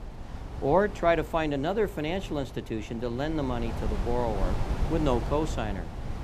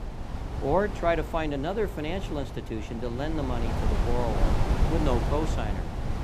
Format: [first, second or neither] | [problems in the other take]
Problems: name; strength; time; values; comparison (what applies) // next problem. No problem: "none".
first | wind noise on the microphone; heavy; 6 dB below the speech; occasional gusts in the first